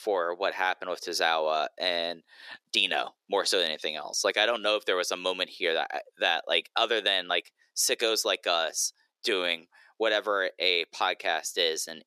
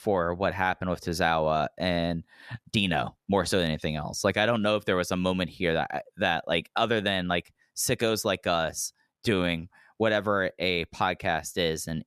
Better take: second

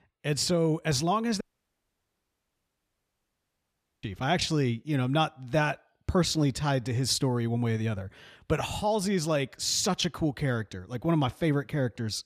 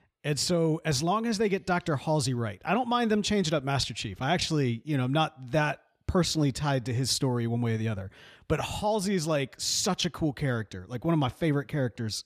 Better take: second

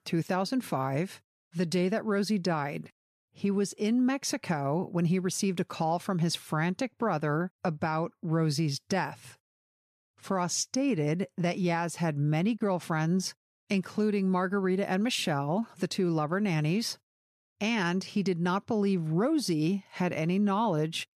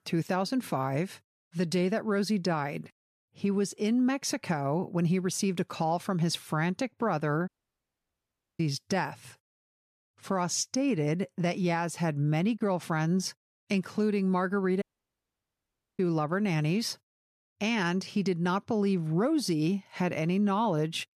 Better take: first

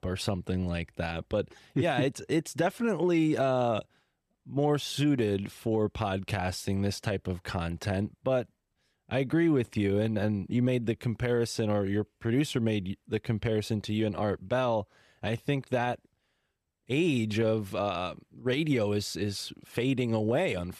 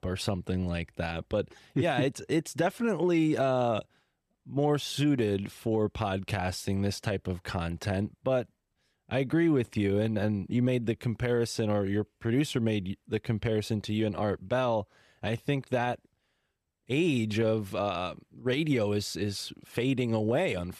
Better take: neither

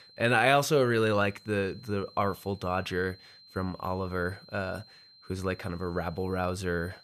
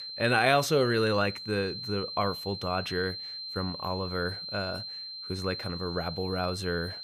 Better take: first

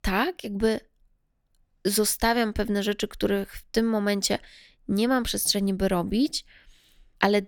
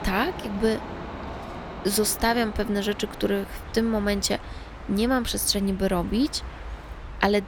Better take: first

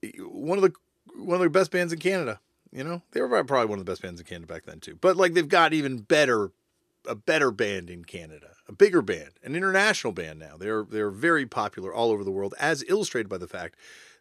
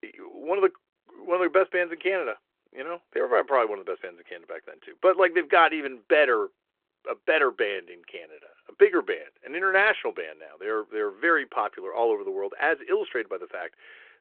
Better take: first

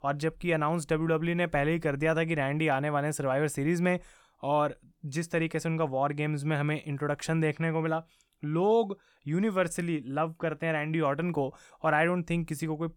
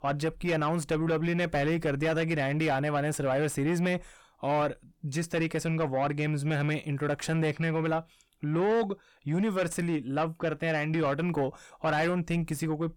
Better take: first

